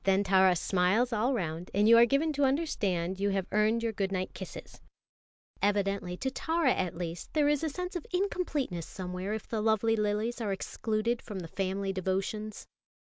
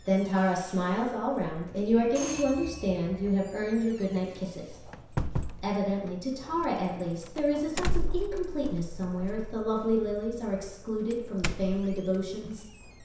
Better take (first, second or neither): first